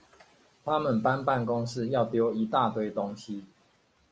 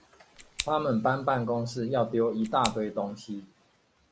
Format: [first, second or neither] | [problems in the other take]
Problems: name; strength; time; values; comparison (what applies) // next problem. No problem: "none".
first | background sound (Scissors); 9 dB below the speech